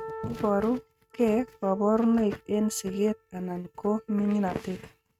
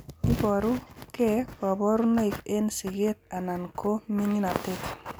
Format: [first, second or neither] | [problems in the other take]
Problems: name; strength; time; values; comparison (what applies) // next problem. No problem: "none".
second | noise reduction (neural mask model RNNoise)